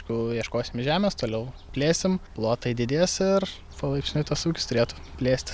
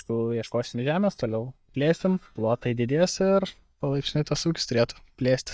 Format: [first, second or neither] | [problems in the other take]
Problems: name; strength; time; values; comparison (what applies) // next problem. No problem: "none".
first | noise reduction (neural mask model DeepFilterNet 3)